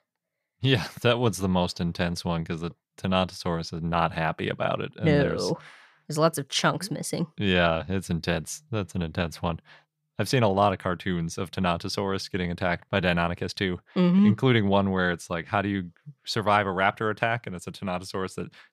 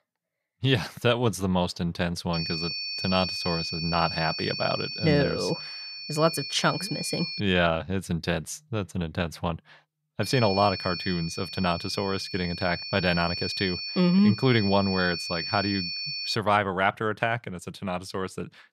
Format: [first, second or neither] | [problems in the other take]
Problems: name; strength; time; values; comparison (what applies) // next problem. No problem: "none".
first | high-pitched whine; loud; from 2.5 to 7.5 s and from 10 to 16 s; 4.5 kHz, 5 dB below the speech